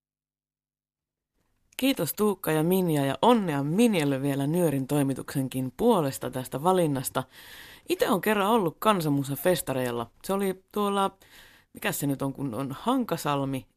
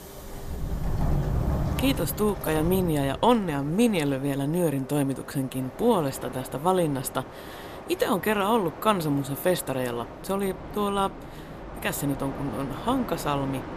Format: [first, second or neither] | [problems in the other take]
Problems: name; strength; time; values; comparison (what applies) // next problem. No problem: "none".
first | train or aircraft noise; loud; throughout; 9 dB below the speech